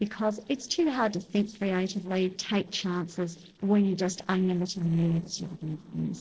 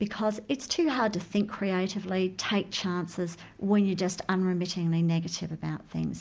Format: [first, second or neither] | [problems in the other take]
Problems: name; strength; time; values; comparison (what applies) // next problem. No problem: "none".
second | noise reduction (neural separator model SepFormer DNS4)